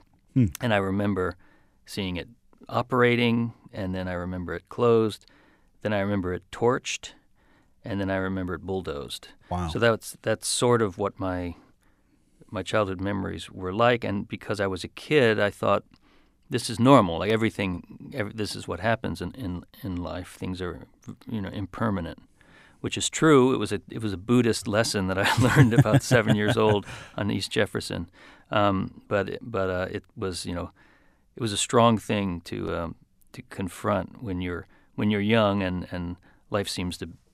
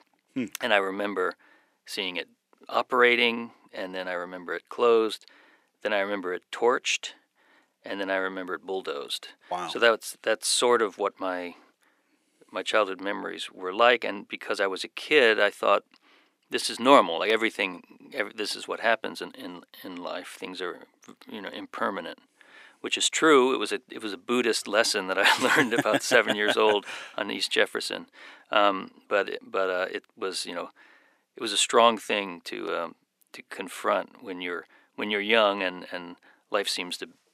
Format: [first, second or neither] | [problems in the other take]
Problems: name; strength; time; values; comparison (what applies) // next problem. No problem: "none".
first | thin; somewhat; fading below 350 Hz